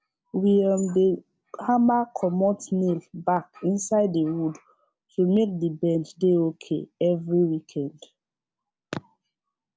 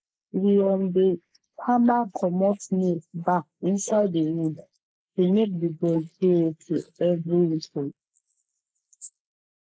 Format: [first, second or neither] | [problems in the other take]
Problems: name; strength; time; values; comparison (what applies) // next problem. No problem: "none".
first | noise reduction (neural mask model Resemble Enhance denoiser)